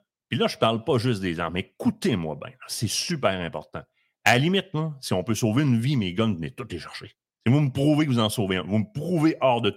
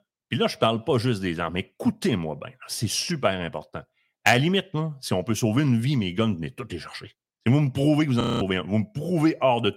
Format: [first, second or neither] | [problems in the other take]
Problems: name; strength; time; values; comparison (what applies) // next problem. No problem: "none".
first | audio freezing; at 8 s